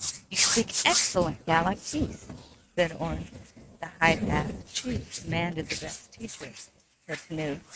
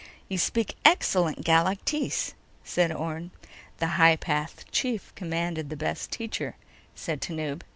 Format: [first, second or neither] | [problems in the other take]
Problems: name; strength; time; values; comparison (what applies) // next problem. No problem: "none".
second | noise reduction (neural mask model RNNoise)